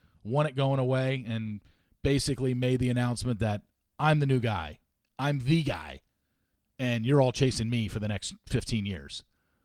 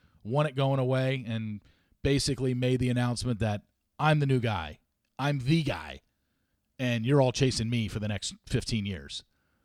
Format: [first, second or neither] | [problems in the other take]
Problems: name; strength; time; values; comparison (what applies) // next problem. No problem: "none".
second | garbled, watery; slightly